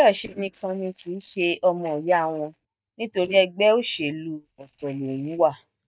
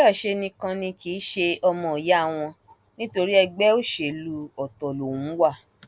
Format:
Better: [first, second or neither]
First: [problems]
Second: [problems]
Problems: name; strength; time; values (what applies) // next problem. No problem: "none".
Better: second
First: noise reduction (neural mask model DeepFilterNet 3)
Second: none